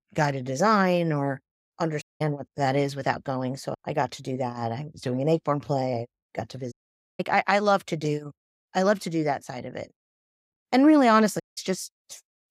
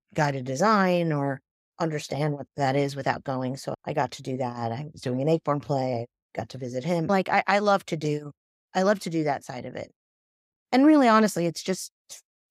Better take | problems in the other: second | audio cutting out; at 2 s, at 6.5 s and at 11 s

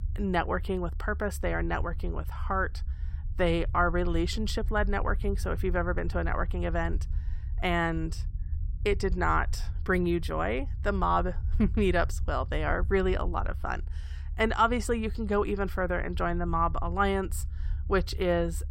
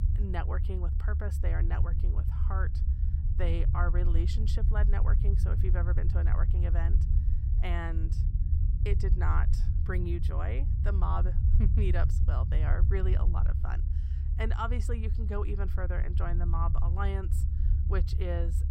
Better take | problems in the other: first | low rumble; loud; throughout; 7 dB below the speech; faint in the first

